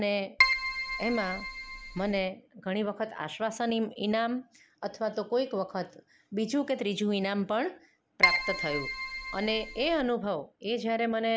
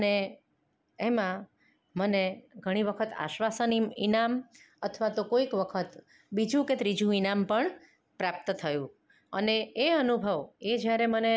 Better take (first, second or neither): second